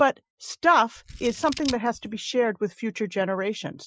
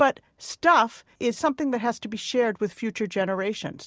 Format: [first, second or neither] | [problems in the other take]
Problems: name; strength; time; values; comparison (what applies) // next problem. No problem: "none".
second | noise reduction (classical method Wiener filter)